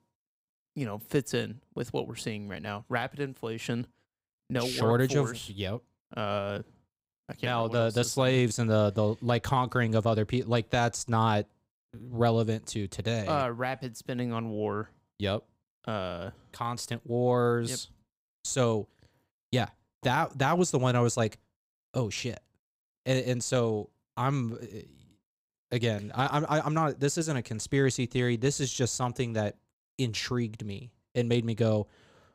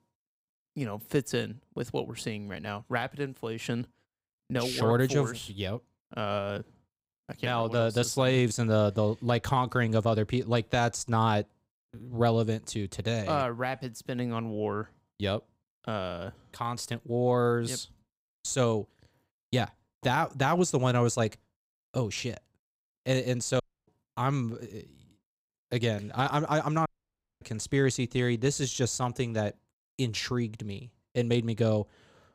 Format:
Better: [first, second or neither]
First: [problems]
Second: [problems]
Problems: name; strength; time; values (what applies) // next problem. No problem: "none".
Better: first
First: none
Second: audio cutting out; at 24 s and at 27 s for 0.5 s